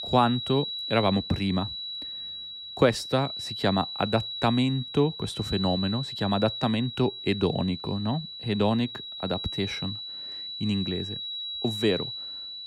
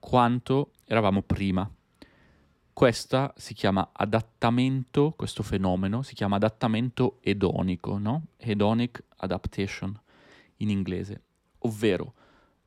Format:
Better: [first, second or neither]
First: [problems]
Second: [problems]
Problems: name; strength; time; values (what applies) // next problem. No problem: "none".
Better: second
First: high-pitched whine; loud; throughout; 4 kHz, 6 dB below the speech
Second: none